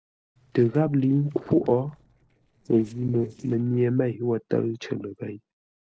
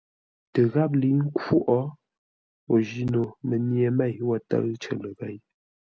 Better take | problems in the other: second | noise reduction (neural separator model SepFormer DNS4)

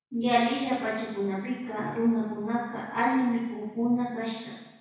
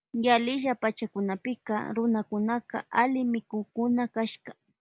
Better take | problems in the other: second | room echo; dies away in 1.1 s

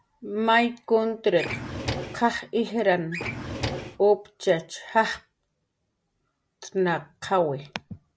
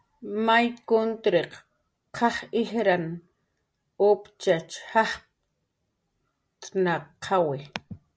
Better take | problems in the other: second | background sound (Drawer open or close); 7 dB below the speech

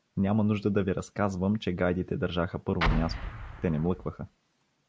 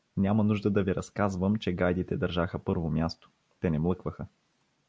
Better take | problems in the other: second | background sound (Explosion); 4 dB below the speech

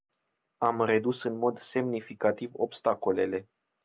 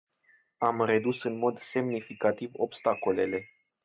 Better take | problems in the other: first | noise reduction (neural mask model RNNoise)

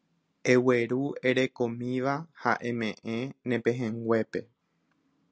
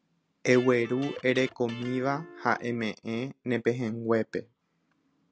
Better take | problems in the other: first | background sound (Electric guitar); 17 dB below the speech

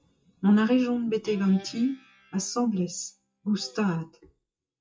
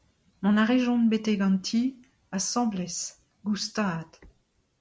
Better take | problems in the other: second | noise reduction (classical method WPE with log-MMSE)

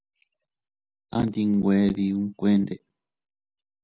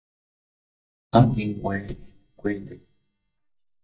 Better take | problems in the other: first | noise reduction (neural mask model DeepFilterNet 3)

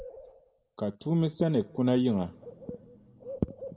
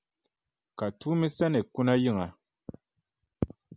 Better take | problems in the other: second | background sound (Bird); 17 dB below the speech // room echo; dies away in 1.3 s

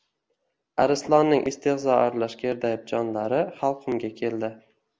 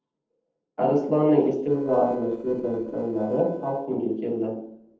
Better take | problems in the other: first | noise reduction (neural separator model SepFormer DNS4)

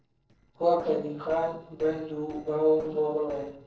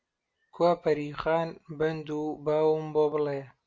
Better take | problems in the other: second | noise reduction (neural separator model SepFormer DNS4)

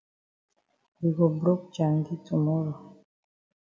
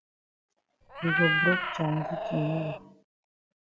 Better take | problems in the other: first | background sound (Meow); 3 dB above the speech

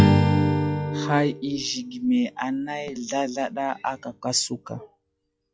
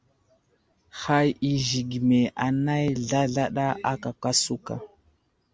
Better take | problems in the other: second | noise reduction (classical method log-MMSE)

